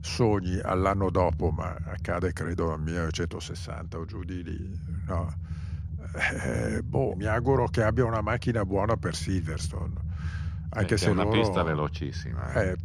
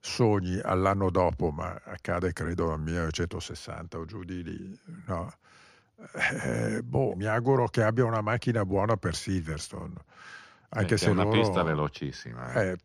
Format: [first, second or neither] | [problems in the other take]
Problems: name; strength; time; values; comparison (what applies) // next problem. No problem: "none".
second | low rumble; faint; throughout; 20 dB below the speech